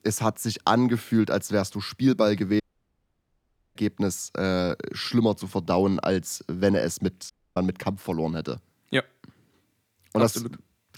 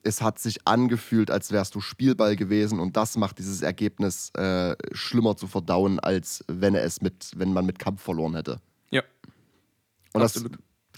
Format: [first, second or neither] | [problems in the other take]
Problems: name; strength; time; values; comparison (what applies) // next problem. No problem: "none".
second | audio cutting out; at 2.5 s for 1 s and at 7.5 s